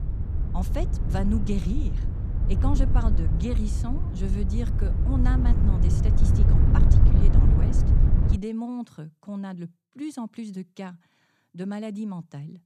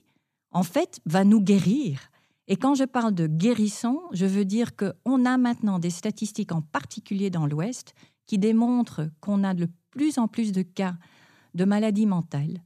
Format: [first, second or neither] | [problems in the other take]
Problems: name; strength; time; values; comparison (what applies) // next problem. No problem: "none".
second | wind noise on the microphone; heavy; until 8.5 s; 1 dB below the speech